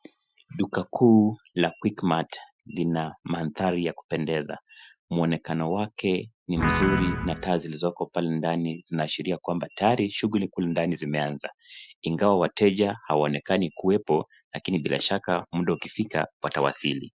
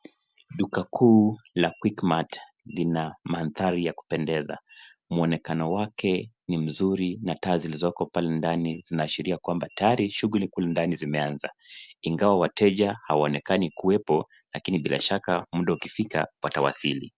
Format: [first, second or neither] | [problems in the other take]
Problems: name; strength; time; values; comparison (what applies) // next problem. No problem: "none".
second | noise reduction (classical method Wiener filter)